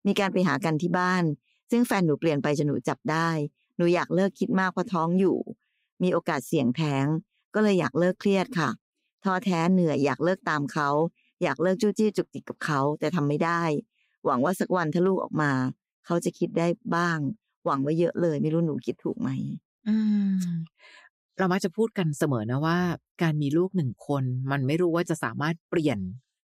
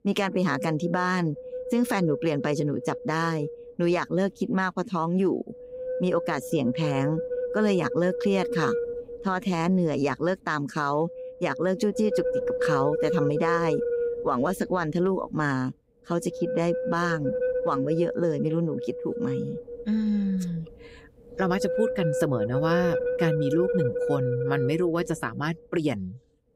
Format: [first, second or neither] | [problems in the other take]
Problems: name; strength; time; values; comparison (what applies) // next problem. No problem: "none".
first | wind noise on the microphone; heavy; 2 dB below the speech